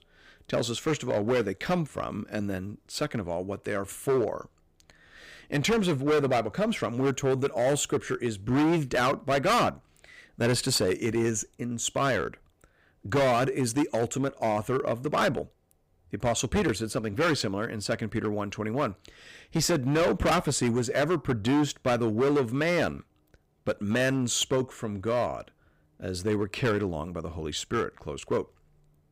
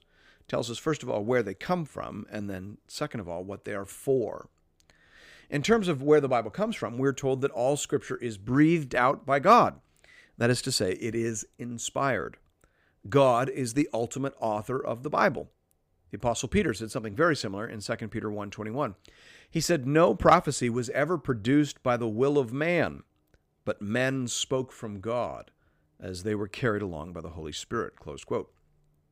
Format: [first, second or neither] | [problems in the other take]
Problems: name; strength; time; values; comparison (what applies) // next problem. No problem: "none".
second | distortion; heavy; 9% of the sound clipped